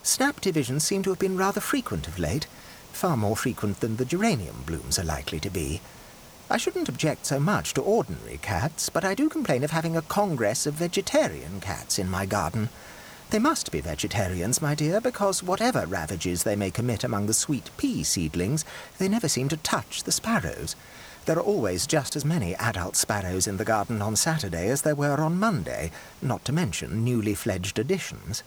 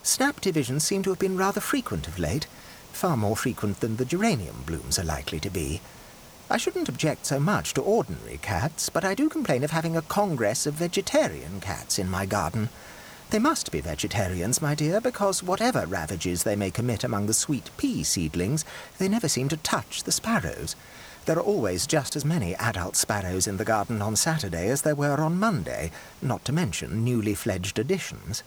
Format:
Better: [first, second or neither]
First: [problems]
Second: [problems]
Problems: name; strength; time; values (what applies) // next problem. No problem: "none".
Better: neither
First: hiss; faint; throughout; 20 dB below the speech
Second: hiss; faint; throughout; 20 dB below the speech